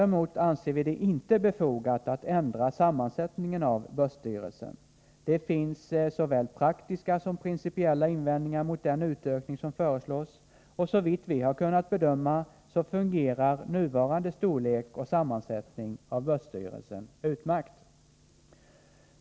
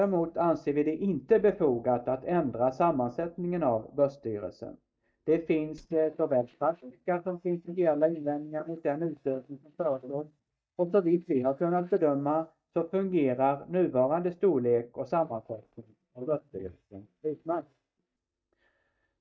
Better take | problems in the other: first | noise reduction (neural mask model DeepFilterNet 3)

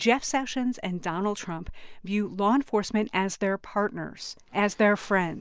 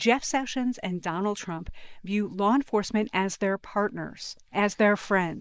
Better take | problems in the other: first | noise reduction (neural mask model Resemble Enhance denoiser)

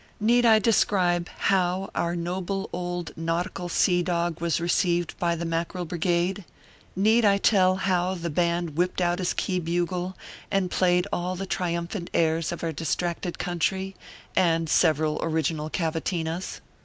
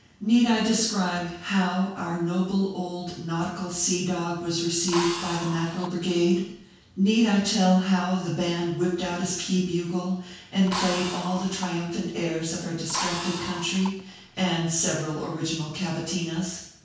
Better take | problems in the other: first | background sound (Drill); 9 dB below the speech // room echo; dies away in 0.6 s

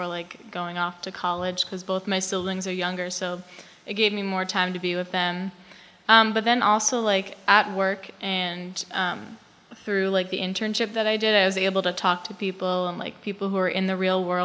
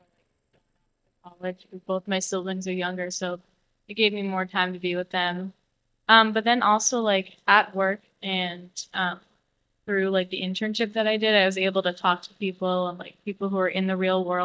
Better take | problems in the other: first | noise reduction (neural mask model DeepFilterNet 3)

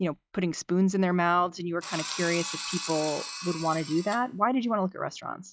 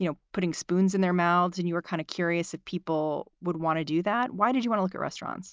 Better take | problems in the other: second | noise reduction (classical method log-MMSE)

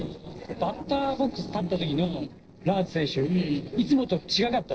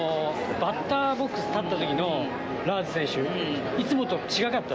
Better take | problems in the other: second | noise reduction (neural separator model SepFormer DNS4)

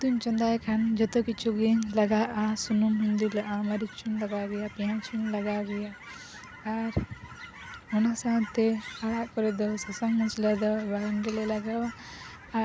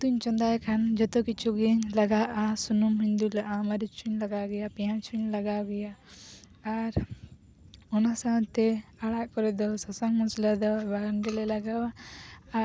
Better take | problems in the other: second | background sound (Chirp, tweet / Fowl); 18 dB below the speech

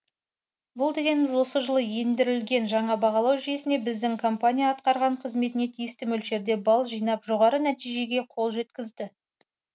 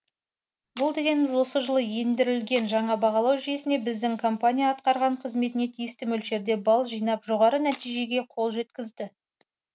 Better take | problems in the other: first | background sound (Tools); 20 dB below the speech

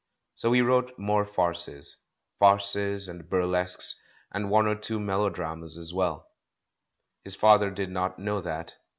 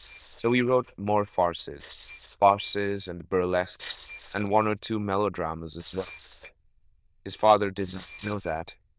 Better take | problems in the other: first | noise reduction (neural diffusion model UNIVERSE++)

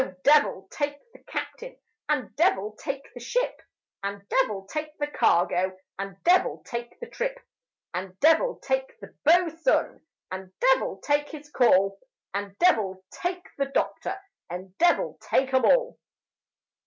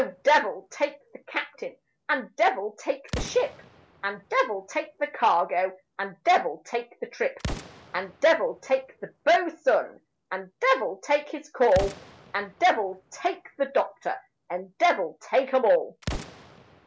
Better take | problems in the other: first | background sound (Explosion); 16 dB below the speech

